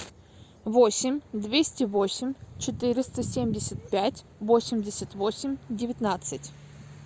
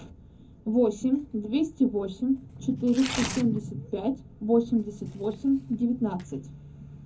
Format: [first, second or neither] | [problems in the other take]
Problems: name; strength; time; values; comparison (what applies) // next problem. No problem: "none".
first | background sound (Tearing); 16 dB below the speech // room echo; dies away in 0.3 s